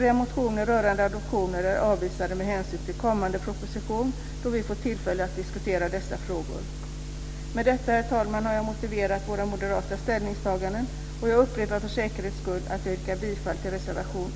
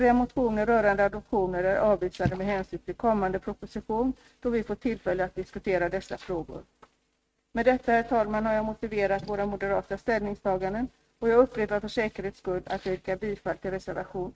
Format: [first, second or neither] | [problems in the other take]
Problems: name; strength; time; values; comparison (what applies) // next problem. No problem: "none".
first | noise reduction (neural mask model RNNoise)